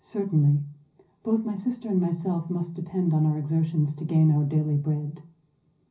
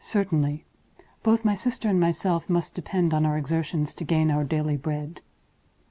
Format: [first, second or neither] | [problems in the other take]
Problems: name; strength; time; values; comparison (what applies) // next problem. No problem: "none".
second | room echo; dies away in 0.5 s